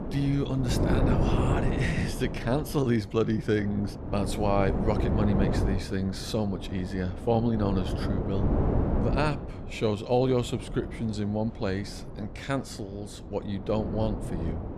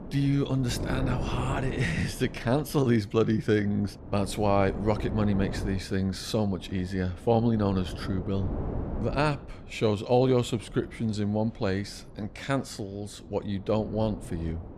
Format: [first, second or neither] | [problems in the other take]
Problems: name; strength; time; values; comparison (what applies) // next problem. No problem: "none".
second | wind noise on the microphone; heavy; 5 dB below the speech; occasional gusts in the second